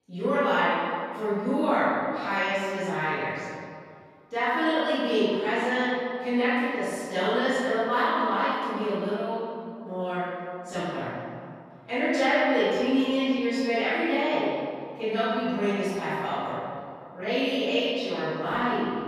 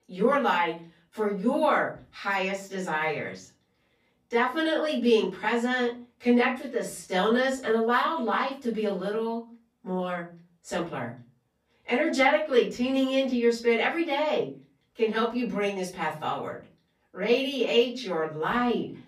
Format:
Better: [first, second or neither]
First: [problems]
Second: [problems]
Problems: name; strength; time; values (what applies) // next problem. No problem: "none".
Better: second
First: room echo; strong; dies away in 2.2 s // off-mic speech; far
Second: room echo; slight; dies away in 0.3 s // off-mic speech; far